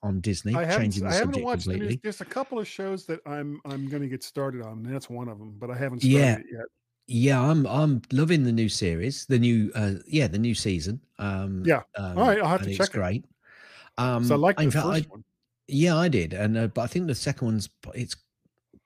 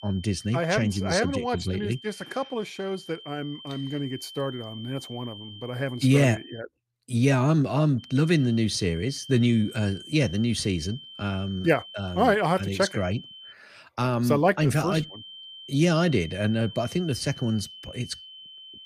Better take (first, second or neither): first